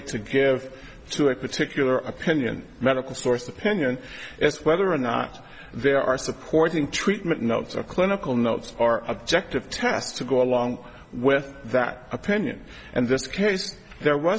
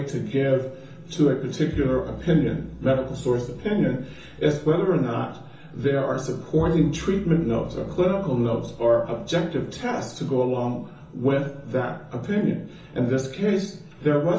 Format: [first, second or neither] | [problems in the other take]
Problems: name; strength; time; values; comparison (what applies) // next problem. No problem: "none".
first | background sound (Bowed string instrument); 16 dB below the speech // room echo; dies away in 0.7 s